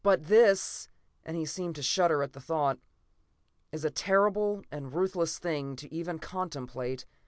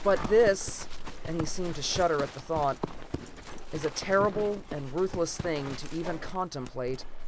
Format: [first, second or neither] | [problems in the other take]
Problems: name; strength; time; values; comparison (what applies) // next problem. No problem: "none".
first | background sound (Livestock, farm animals, working animals); 6 dB below the speech